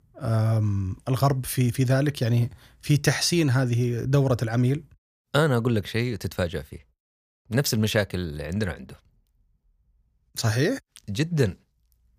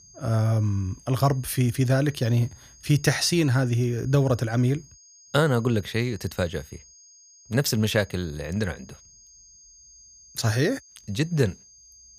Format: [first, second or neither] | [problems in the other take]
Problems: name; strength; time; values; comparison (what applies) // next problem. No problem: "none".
first | high-pitched whine; faint; throughout; 6.5 kHz, 25 dB below the speech